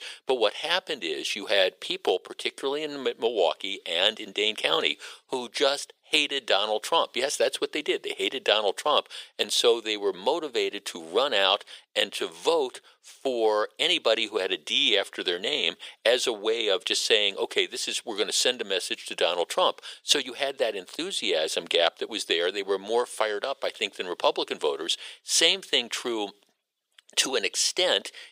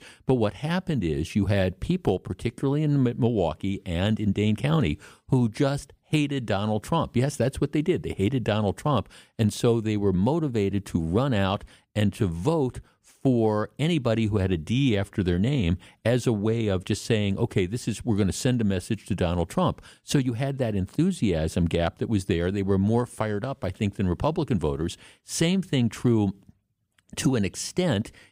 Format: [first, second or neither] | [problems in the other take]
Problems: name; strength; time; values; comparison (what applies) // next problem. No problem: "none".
second | thin; very; fading below 450 Hz